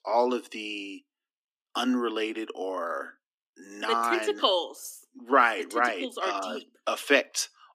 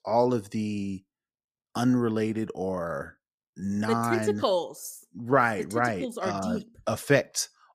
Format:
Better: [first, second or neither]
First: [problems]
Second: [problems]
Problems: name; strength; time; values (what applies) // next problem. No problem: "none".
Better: second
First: thin; very slightly; fading below 250 Hz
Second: none